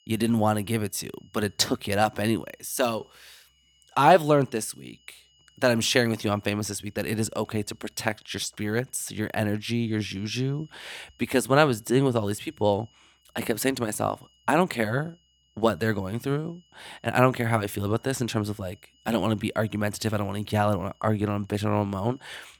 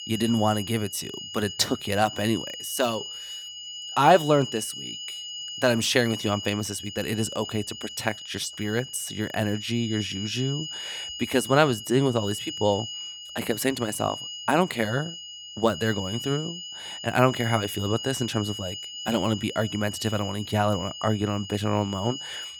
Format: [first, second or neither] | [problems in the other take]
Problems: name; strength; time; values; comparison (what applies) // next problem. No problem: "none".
first | high-pitched whine; loud; throughout; 3 kHz, 9 dB below the speech; faint in the first